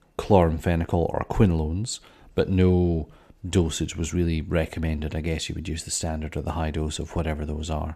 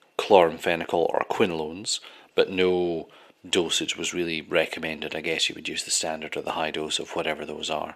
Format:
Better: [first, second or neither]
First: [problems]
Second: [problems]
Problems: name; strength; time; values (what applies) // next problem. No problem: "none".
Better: first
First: none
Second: thin; somewhat; fading below 450 Hz